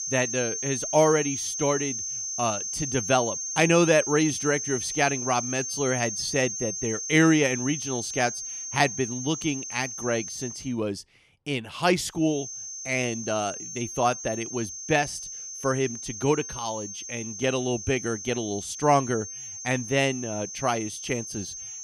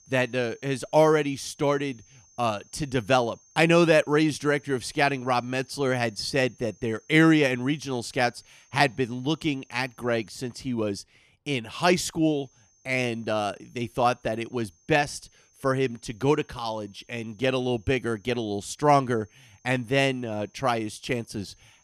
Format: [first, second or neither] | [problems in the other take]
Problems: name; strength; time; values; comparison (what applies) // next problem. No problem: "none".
second | high-pitched whine; loud; until 11 s and from 12 s on; 6.5 kHz, 5 dB below the speech; faint in the second